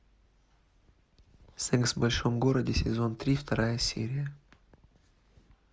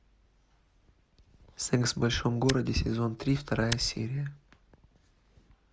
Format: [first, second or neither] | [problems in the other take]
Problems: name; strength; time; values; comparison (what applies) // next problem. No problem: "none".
first | background sound (Tick); 7 dB below the speech